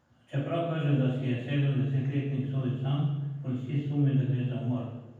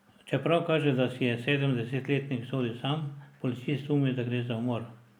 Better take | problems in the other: second | room echo; dies away in 1.2 s

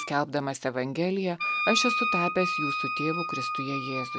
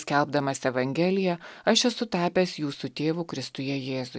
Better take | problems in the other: second | background sound (Wind instrument, woodwind instrument); 1 dB below the speech

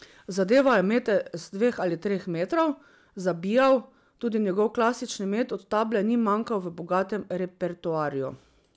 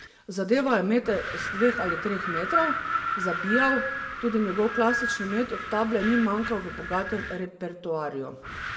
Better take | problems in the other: first | background sound (Wind); 4 dB below the speech // room echo; dies away in 1.3 s

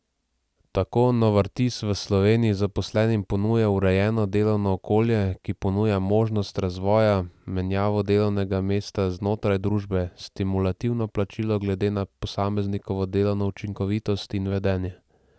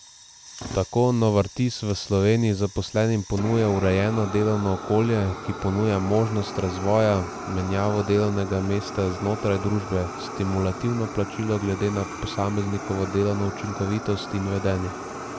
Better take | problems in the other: first | background sound (Fire); 11 dB below the speech

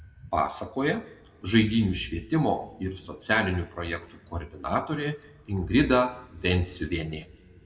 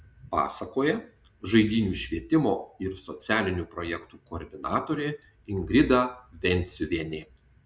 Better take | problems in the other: second | room echo; dies away in 1.5 s

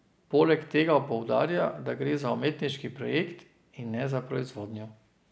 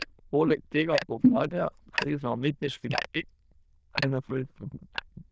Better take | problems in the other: first | noise reduction (neural diffusion model UNIVERSE++)

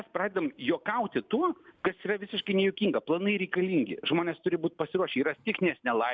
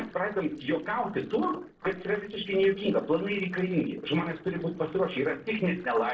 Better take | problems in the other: first | noise reduction (neural separator model SepFormer DNS4)

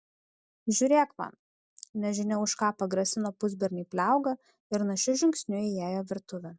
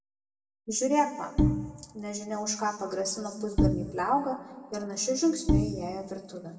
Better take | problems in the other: first | background sound (Bowed string instrument); 3 dB above the speech // room echo; dies away in 1.8 s

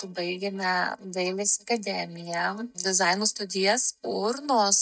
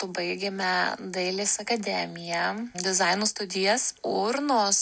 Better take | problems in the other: second | noise reduction (neural mask model DeepFilterNet 3)

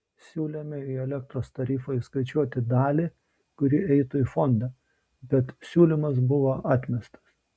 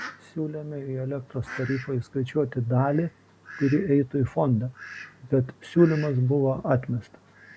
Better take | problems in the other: first | background sound (Fowl); 19 dB below the speech

